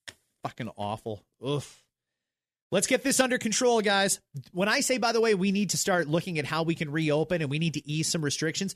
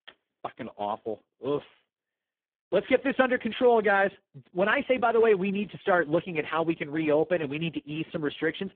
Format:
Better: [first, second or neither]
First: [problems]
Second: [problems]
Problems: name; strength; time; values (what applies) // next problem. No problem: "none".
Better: first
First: none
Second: phone-call audio; poor line